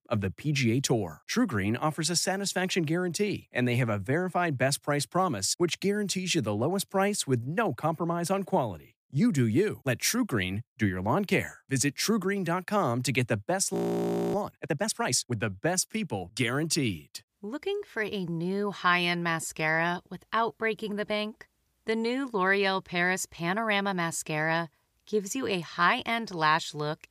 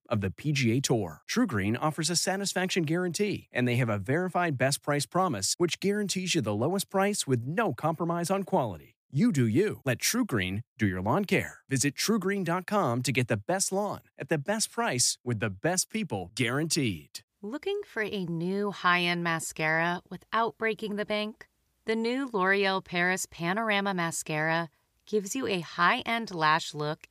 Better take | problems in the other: second | audio freezing; at 14 s for 0.5 s

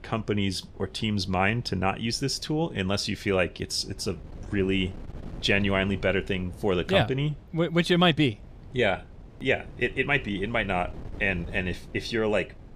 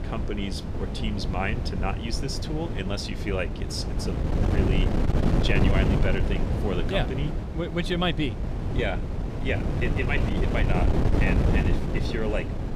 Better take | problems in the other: first | wind noise on the microphone; heavy; 3 dB below the speech; occasional gusts in the first

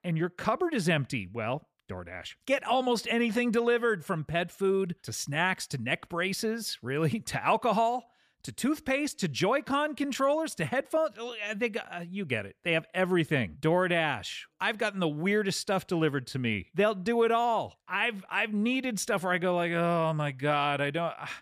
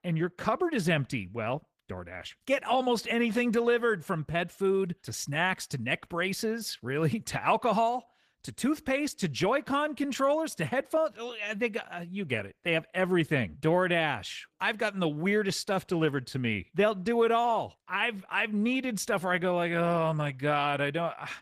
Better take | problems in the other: first | garbled, watery; slightly; nothing above 14.5 kHz

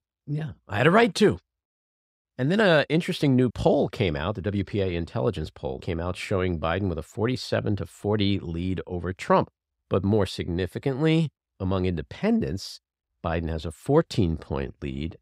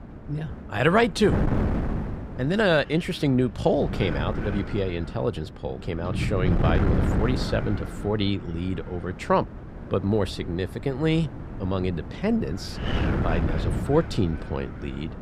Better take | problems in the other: first | wind noise on the microphone; heavy; 9 dB below the speech

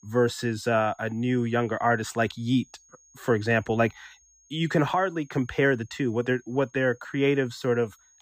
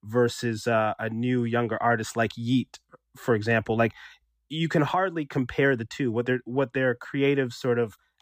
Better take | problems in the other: second | high-pitched whine; faint; throughout; 6.5 kHz, 30 dB below the speech

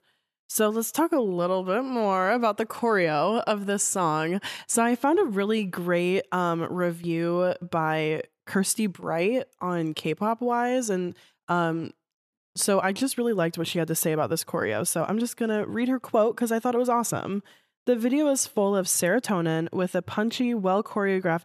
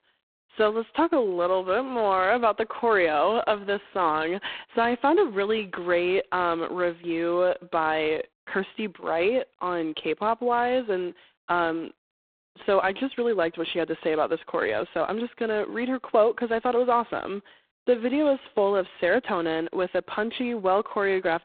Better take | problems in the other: first | phone-call audio; poor line; nothing above 4 kHz

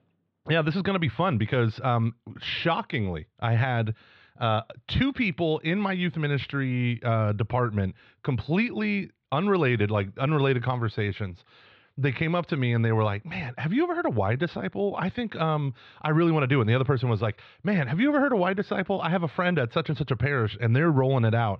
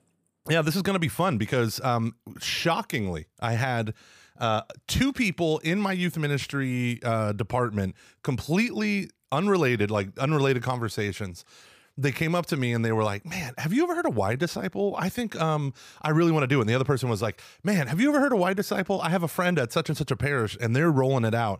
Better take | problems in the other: second | muffled; slightly; fading above 3.5 kHz

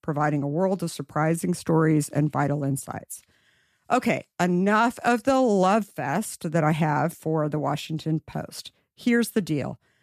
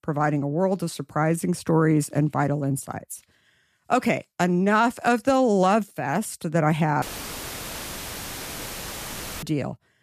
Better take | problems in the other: first | audio cutting out; filled with static; at 7 s for 2.5 s

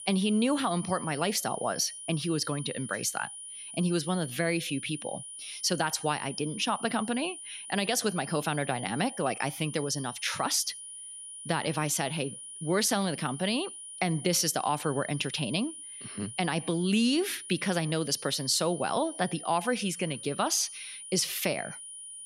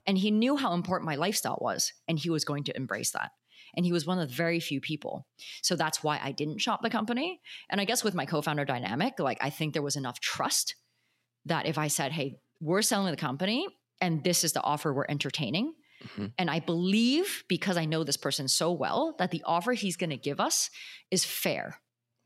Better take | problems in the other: second | high-pitched whine; noticeable; throughout; 9.5 kHz, 10 dB below the speech

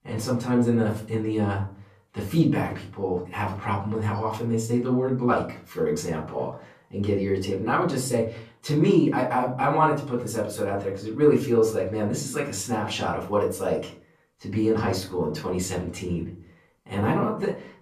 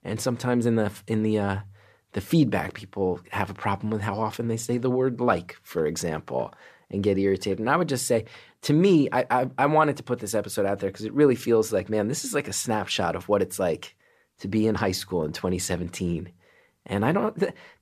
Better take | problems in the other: second | room echo; slight; dies away in 0.4 s // off-mic speech; far

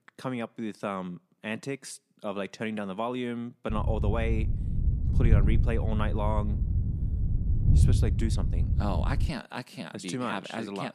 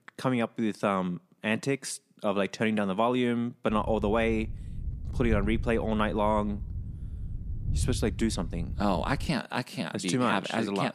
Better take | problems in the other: second | wind noise on the microphone; heavy; from 3.5 to 9.5 s; 7 dB below the speech; occasional gusts in the second

